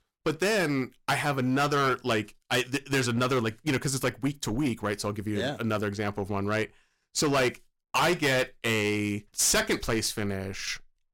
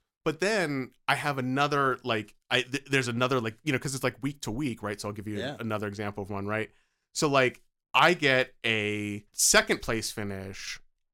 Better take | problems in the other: second | distortion; heavy; 9% of the sound clipped

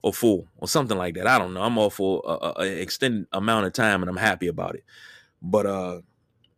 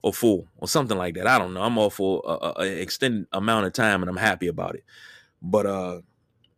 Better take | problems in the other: neither | none

